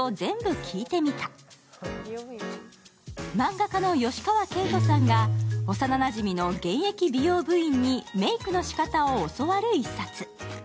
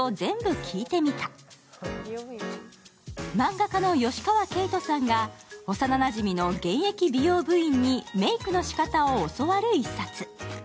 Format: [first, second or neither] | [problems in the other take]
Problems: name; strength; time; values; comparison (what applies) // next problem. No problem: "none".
second | background sound (Guitar); 1 dB below the speech